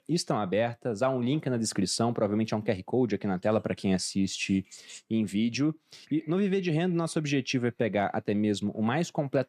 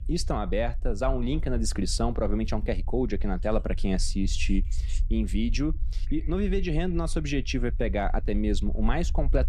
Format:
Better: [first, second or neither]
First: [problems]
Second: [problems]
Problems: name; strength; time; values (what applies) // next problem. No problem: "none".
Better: first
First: none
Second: low rumble; faint; throughout; 25 dB below the speech